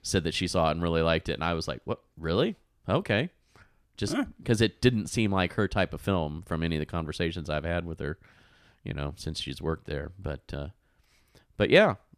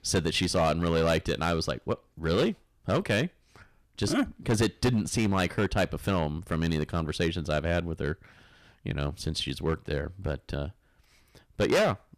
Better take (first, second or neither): first